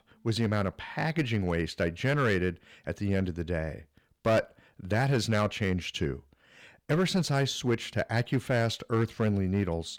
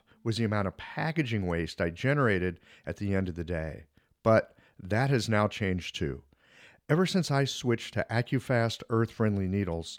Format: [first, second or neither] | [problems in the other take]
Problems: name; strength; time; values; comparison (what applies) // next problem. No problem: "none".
second | distortion; slight; 5% of the sound clipped